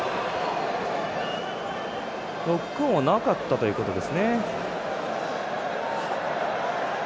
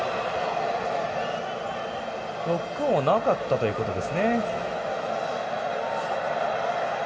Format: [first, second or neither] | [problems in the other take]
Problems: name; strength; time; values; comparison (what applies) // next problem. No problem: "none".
first | room echo; dies away in 1.1 s